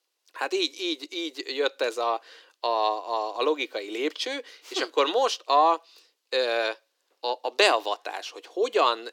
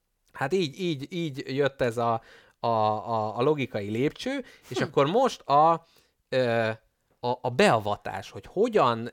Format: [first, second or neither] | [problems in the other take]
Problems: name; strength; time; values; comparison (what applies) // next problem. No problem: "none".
second | thin; somewhat; fading below 300 Hz